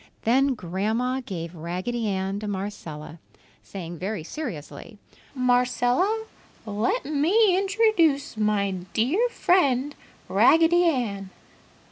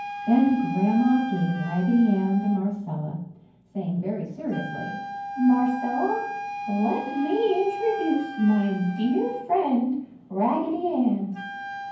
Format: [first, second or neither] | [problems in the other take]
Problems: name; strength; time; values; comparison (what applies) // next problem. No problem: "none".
first | background sound (Wind instrument, woodwind instrument); 11 dB below the speech // room echo; dies away in 0.9 s